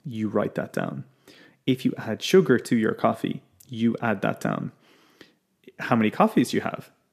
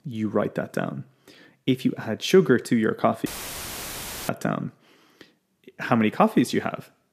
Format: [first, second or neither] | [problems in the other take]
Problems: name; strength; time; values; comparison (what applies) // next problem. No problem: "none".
first | audio cutting out; filled with static; at 3.5 s for 1 s